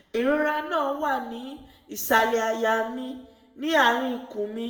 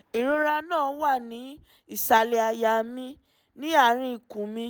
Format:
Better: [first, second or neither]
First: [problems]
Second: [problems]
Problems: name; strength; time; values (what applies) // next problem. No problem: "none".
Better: second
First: room echo; dies away in 0.7 s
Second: none